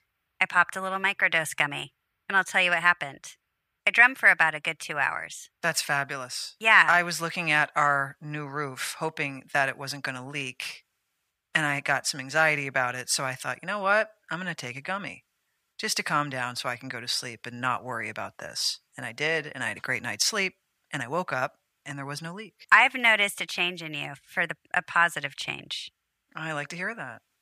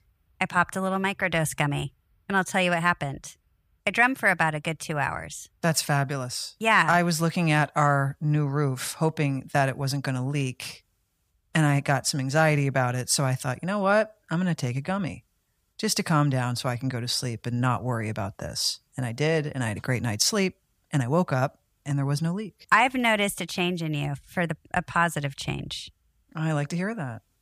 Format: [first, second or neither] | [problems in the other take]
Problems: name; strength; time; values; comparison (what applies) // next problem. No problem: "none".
second | thin; somewhat; fading below 450 Hz